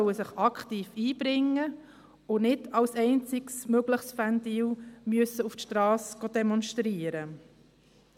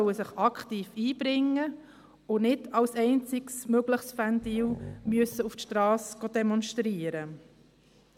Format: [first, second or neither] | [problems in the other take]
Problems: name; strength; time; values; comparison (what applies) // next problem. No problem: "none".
first | background sound (Growling); 17 dB below the speech